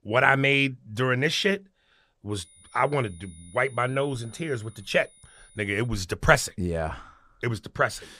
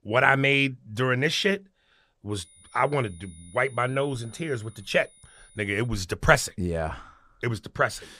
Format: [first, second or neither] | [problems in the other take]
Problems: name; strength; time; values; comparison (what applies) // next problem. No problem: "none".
neither | high-pitched whine; faint; from 2.5 to 6 s; 9.5 kHz, 25 dB below the speech; the same in both